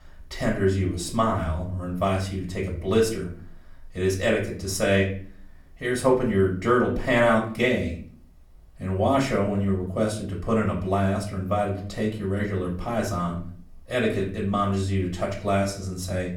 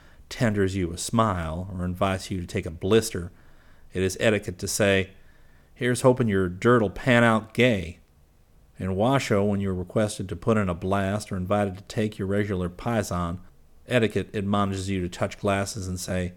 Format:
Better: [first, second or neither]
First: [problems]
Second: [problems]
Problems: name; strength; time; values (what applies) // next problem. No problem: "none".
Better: second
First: off-mic speech; far // room echo; slight; dies away in 0.4 s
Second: none